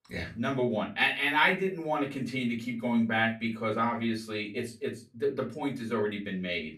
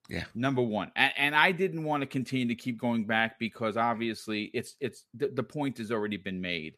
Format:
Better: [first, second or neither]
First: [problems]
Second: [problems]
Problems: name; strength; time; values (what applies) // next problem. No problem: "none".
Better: second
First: off-mic speech; far // room echo; very slight; dies away in 0.2 s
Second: none